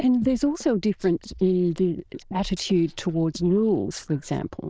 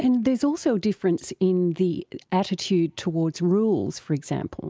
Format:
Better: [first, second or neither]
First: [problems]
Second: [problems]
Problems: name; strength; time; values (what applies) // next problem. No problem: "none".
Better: second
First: noise reduction (neural diffusion model UNIVERSE++)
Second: none